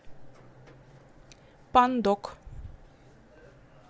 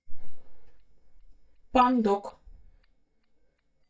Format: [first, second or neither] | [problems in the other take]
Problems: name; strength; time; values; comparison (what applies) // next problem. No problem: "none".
first | noise reduction (neural mask model DeepFilterNet 3)